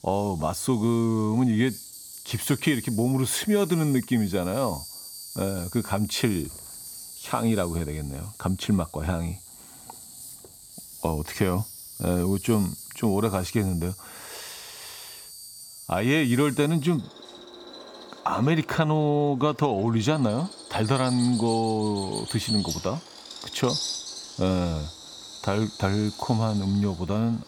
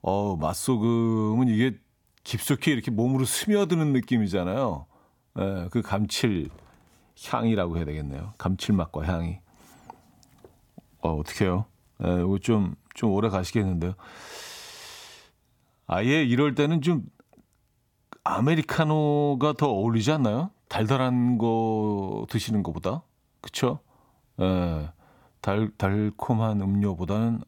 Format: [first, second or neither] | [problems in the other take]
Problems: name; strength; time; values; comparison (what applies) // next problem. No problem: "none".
second | animal sounds; noticeable; throughout; 10 dB below the speech